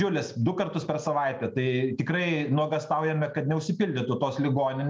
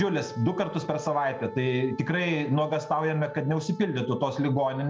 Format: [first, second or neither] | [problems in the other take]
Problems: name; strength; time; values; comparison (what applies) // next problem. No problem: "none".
first | background sound (Wind instrument, woodwind instrument); 16 dB below the speech